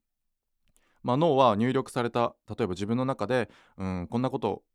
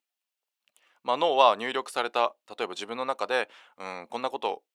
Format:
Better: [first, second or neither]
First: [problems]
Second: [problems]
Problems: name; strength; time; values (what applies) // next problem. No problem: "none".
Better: first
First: none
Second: thin; very; fading below 650 Hz